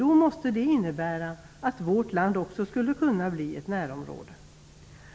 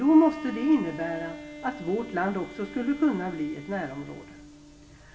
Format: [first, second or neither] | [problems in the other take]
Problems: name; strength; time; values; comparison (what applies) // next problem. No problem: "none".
first | background sound (Bowed string instrument); 14 dB below the speech // room echo; dies away in 0.5 s